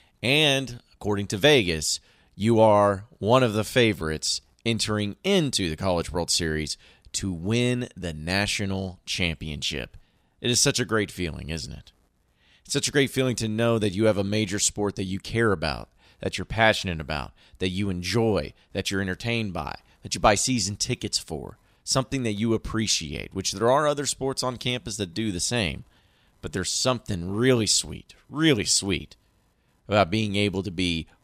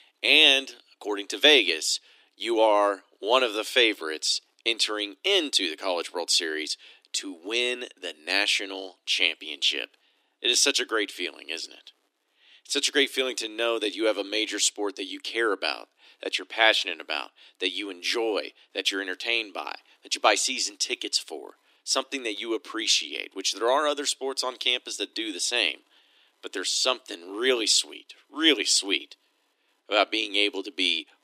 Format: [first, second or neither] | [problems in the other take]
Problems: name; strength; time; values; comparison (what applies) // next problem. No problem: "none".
first | thin; somewhat; fading below 300 Hz